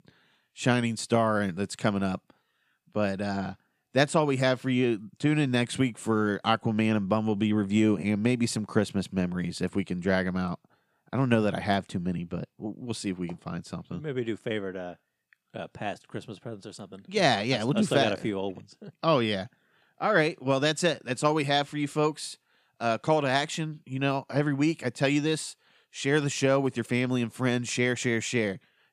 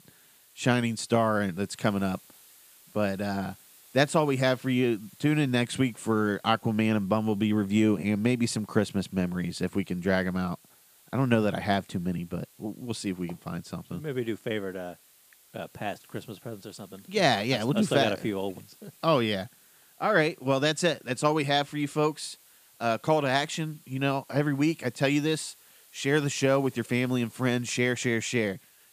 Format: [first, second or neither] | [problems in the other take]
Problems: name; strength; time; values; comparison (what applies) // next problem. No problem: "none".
first | hiss; faint; throughout; 25 dB below the speech